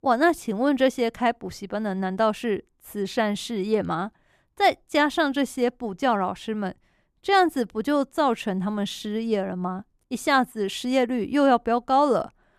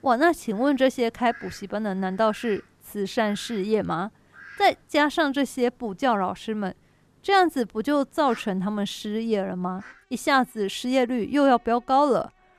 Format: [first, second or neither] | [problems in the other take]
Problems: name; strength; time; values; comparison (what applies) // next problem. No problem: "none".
first | animal sounds; faint; throughout; 25 dB below the speech